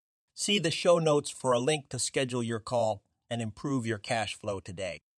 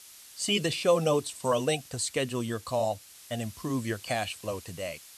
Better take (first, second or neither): first